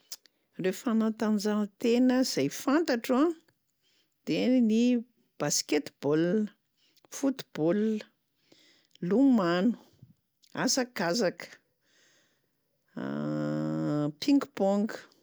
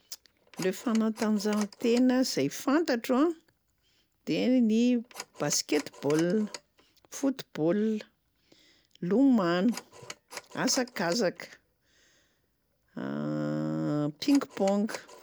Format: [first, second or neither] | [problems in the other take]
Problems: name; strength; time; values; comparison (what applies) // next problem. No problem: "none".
first | background sound (Telephone); 20 dB below the speech